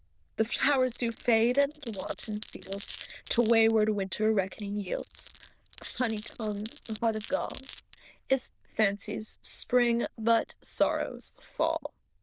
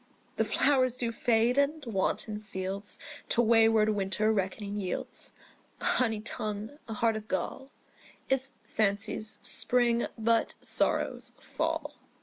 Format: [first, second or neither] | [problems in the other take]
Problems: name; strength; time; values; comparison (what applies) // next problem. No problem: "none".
second | noise reduction (neural diffusion model UNIVERSE++)